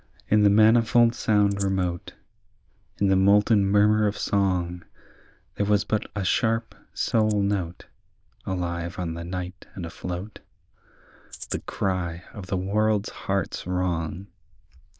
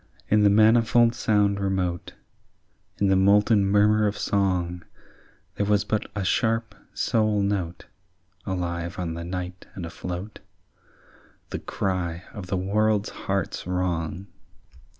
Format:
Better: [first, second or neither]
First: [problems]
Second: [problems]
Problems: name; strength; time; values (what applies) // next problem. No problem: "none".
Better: second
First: noise reduction (neural diffusion model UNIVERSE++)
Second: none